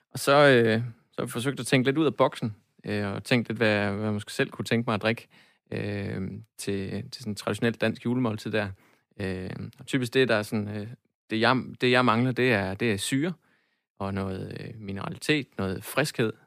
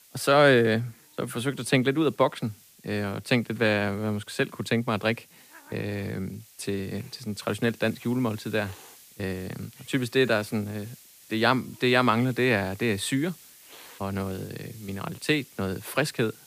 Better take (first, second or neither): first